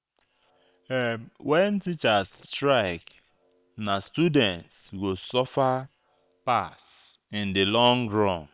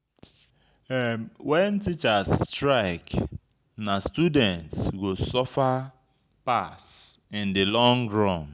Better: second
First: noise reduction (neural separator model SepFormer WHAM!)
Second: none

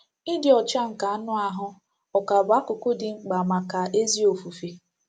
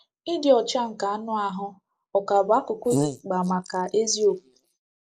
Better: first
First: none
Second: noise reduction (neural mask model Resemble Enhance denoiser)

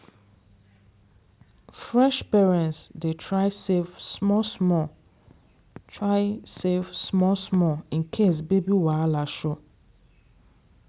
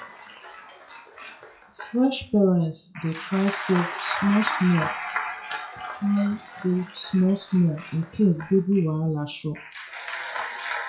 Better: first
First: none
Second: noise reduction (classical method WPE with log-MMSE)

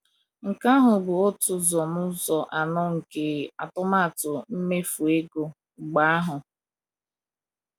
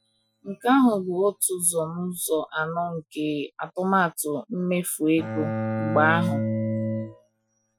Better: first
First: none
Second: noise reduction (classical method Wiener filter)

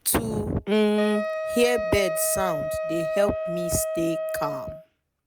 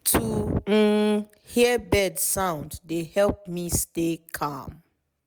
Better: second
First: background sound (Wind instrument, woodwind instrument); 4 dB below the speech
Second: none

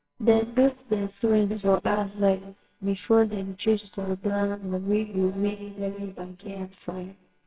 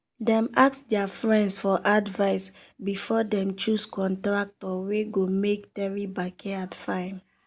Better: second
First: noise reduction (neural separator model SepFormer WHAMR!)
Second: none

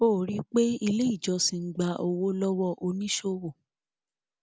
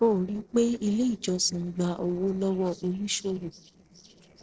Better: first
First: none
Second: noise reduction (neural separator model SepFormer DNS4)

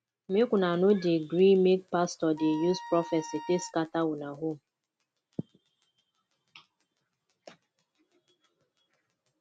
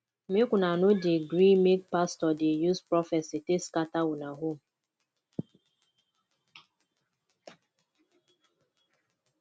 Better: second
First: background sound (Wind instrument, woodwind instrument); 14 dB below the speech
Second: none

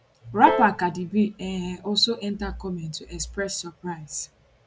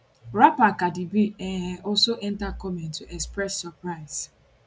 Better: second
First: background sound (Piano); 8 dB below the speech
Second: none

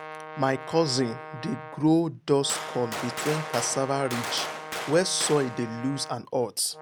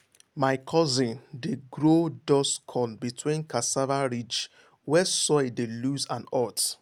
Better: second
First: background sound (Brass instrument + Gunshot, gunfire); 9 dB below the speech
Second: none

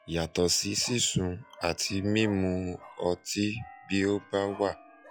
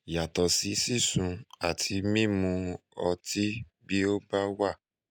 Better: second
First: noise reduction (classical method log-MMSE)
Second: none

